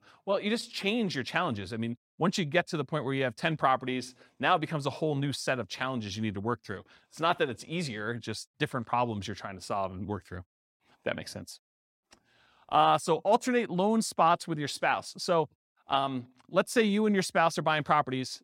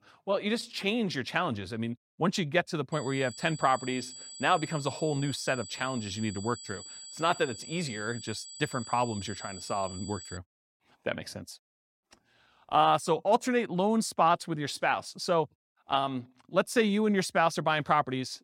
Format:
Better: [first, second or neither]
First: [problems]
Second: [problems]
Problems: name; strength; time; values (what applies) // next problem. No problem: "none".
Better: first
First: none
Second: high-pitched whine; noticeable; from 3 to 10 s; 8 kHz, 15 dB below the speech